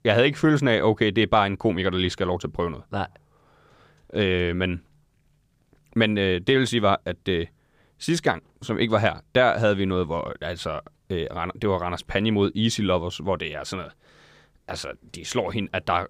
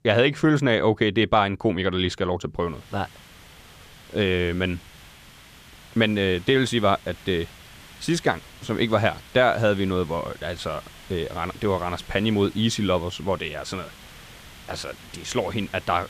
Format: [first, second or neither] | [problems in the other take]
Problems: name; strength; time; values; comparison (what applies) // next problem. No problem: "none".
first | hiss; faint; from 2.5 s on; 20 dB below the speech